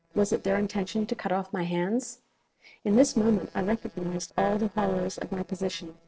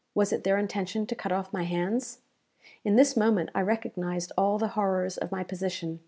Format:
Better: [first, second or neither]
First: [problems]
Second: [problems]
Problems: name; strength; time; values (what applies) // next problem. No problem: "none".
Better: second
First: noise reduction (neural separator model SepFormer DNS4)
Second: none